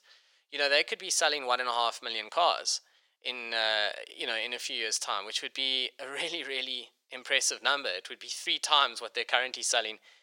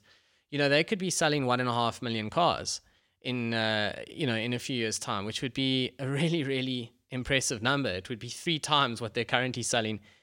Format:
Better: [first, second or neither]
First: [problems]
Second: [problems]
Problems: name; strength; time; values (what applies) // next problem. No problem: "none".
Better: second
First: thin; very; fading below 550 Hz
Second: none